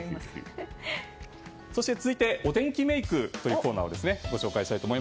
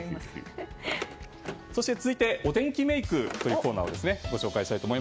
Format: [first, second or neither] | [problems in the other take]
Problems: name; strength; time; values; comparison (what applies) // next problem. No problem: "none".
first | background sound (Car); 12 dB below the speech